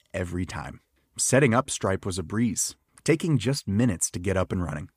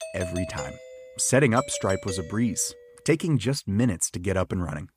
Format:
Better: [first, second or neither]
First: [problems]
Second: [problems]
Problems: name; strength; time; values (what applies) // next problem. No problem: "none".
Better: first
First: none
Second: doorbell; noticeable; until 3 s; peak 9 dB below the speech